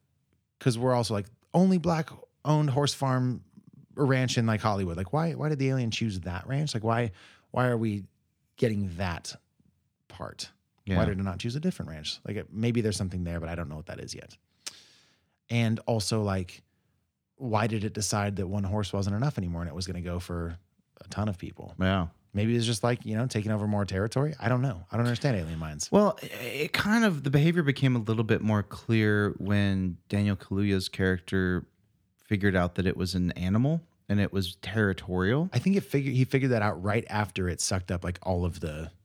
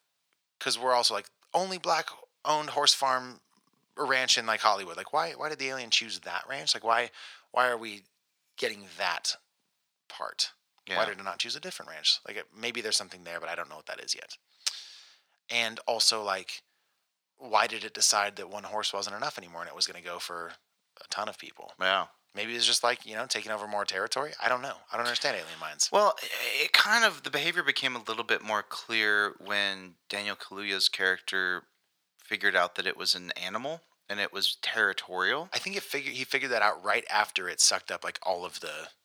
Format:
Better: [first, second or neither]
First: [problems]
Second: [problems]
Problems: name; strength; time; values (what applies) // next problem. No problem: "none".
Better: first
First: none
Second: thin; very; fading below 900 Hz